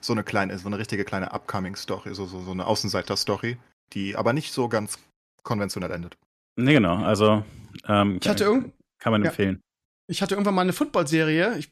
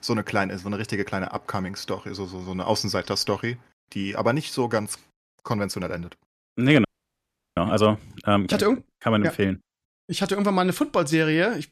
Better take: first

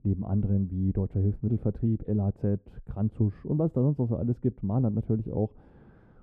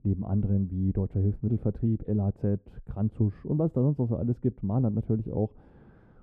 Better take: neither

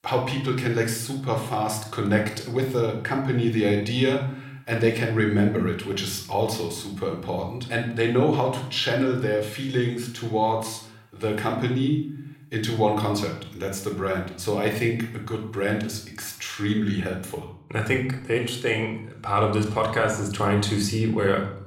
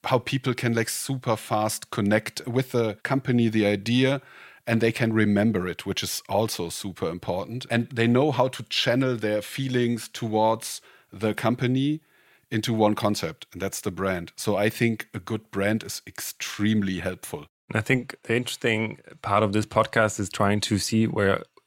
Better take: second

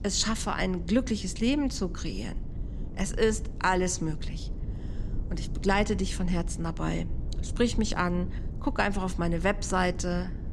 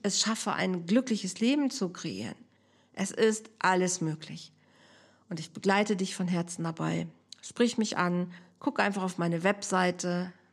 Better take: second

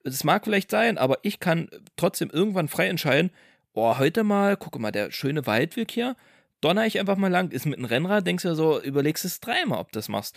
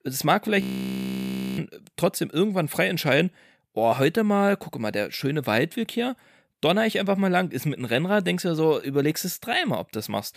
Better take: first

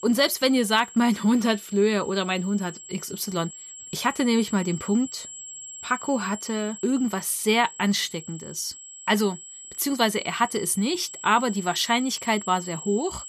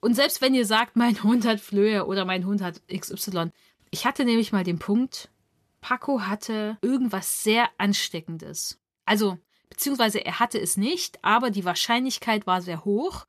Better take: second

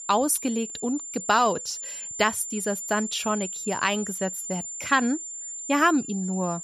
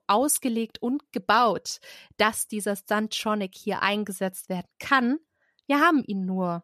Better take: second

